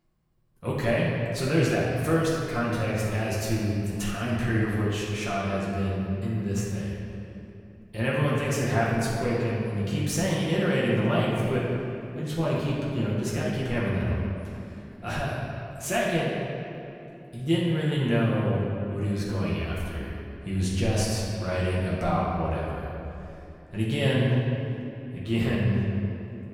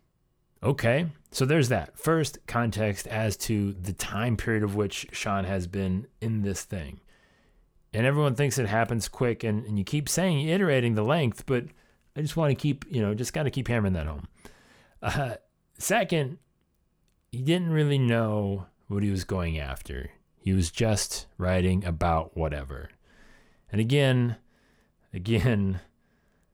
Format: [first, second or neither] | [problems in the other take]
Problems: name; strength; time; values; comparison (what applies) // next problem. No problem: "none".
second | room echo; strong; dies away in 2.4 s // off-mic speech; far